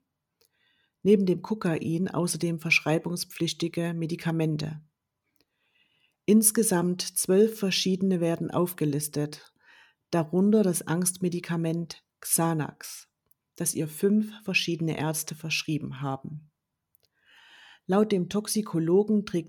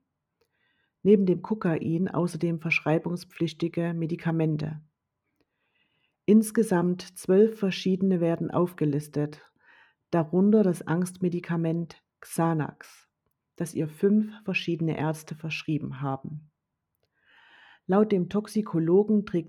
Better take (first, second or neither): first